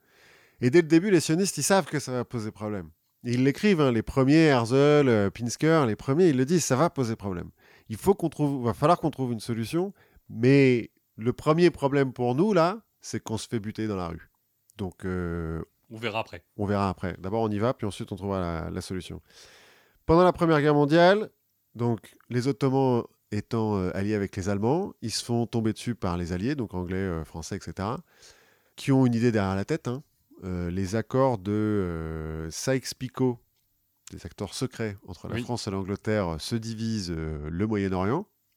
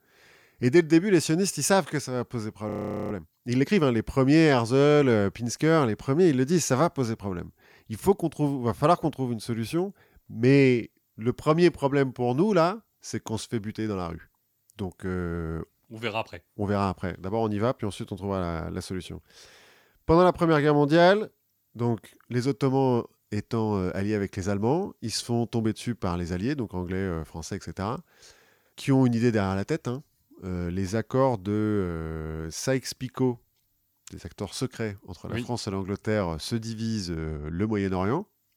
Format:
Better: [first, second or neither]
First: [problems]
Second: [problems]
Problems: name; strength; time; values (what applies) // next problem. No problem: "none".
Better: first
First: none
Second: audio freezing; at 2.5 s